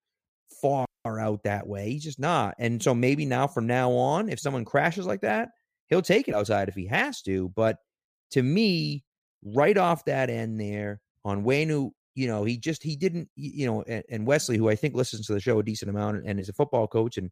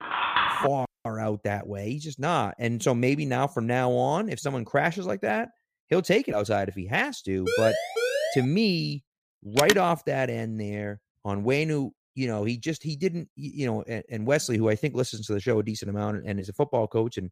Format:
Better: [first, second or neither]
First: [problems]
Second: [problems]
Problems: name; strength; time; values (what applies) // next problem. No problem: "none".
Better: first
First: none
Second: phone ringing; loud; at the start and at 9.5 s; peak 3 dB above the speech // siren; loud; at 7.5 s; peak 1 dB above the speech